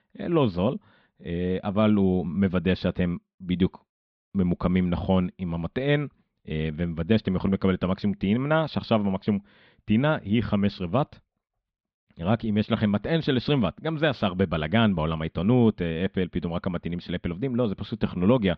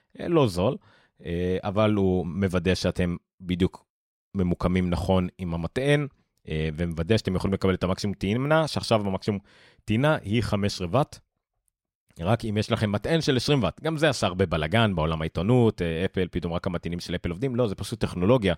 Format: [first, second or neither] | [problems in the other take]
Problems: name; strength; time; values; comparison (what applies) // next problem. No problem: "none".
second | muffled; slightly; fading above 4 kHz